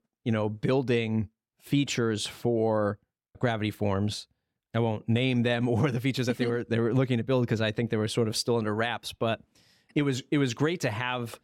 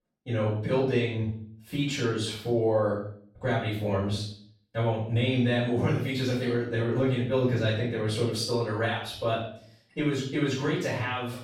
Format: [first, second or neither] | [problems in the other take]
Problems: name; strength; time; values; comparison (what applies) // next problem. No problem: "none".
first | off-mic speech; far // room echo; noticeable; dies away in 0.5 s